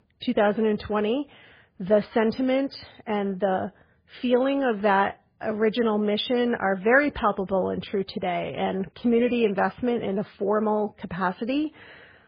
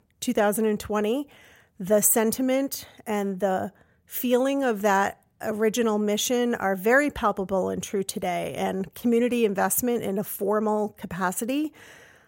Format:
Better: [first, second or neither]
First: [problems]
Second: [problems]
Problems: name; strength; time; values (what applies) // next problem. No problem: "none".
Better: second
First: garbled, watery; badly; nothing above 5 kHz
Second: none